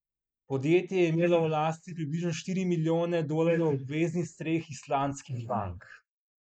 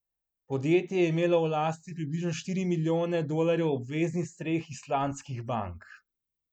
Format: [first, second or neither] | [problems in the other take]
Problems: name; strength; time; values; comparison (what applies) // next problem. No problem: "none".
second | noise reduction (neural mask model Resemble Enhance denoiser)